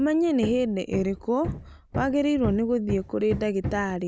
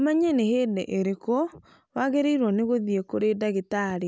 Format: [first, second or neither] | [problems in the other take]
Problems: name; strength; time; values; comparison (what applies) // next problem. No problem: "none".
second | background sound (Hammer); 10 dB below the speech